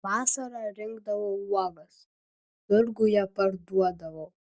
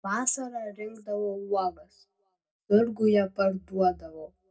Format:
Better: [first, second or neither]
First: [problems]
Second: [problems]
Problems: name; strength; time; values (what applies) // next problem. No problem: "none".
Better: first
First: none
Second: room echo; dies away in 0.2 s